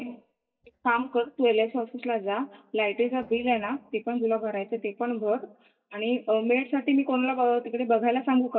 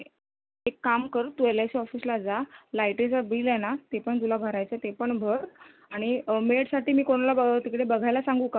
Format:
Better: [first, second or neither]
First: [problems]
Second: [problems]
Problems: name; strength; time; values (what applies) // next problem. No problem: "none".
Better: second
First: noise reduction (neural mask model DeepFilterNet 3)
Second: none